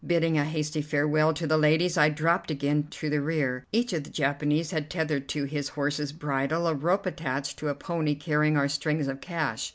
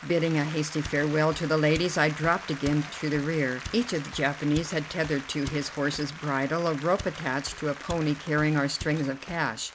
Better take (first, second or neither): first